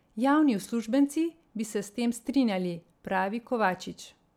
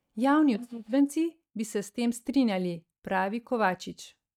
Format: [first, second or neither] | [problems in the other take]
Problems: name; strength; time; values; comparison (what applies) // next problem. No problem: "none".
first | noise reduction (neural mask model DeepFilterNet 3)